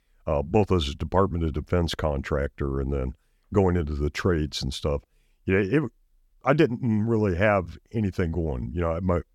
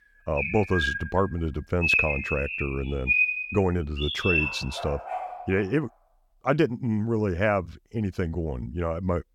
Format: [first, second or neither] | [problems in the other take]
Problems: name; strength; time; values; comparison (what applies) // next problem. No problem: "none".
first | animal sounds; very loud; until 5.5 s; 1 dB above the speech